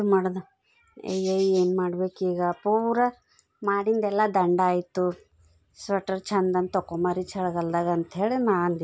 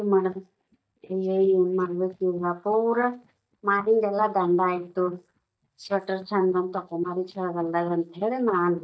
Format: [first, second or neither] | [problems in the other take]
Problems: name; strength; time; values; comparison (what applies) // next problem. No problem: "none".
first | noise reduction (neural mask model DeepFilterNet 3)